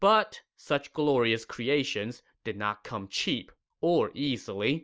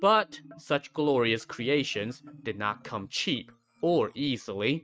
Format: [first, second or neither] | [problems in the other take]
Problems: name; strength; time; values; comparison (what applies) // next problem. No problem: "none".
first | noise reduction (neural mask model RNNoise)